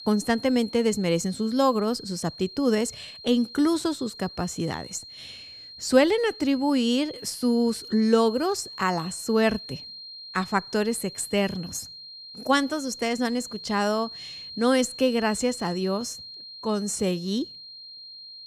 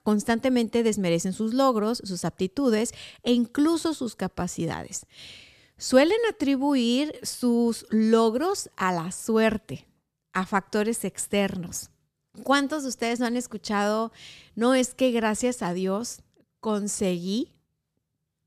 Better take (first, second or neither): second